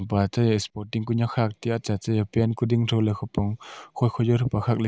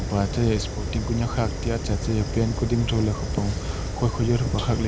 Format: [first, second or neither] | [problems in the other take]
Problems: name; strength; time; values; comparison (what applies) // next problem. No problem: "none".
first | background sound (Fire); 3 dB below the speech